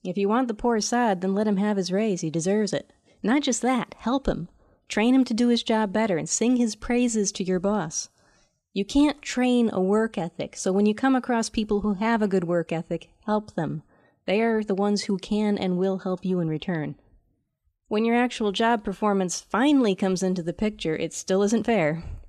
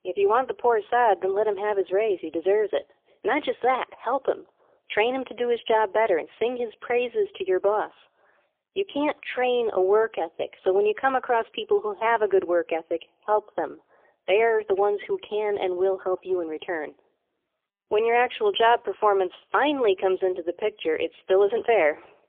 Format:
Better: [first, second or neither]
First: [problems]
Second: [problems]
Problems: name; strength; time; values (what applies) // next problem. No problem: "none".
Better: first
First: none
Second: phone-call audio; poor line; nothing above 3.5 kHz